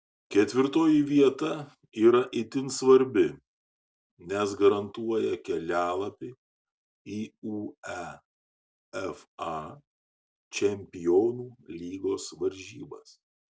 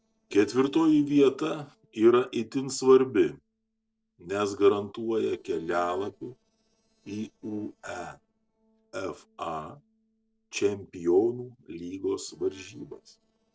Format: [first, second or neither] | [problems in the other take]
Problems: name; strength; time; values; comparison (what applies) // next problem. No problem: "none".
first | noise reduction (neural separator model SepFormer DNS4)